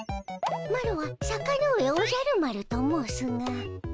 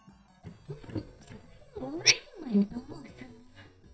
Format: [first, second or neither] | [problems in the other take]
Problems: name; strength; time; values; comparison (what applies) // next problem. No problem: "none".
first | noise reduction (neural mask model DeepFilterNet 3)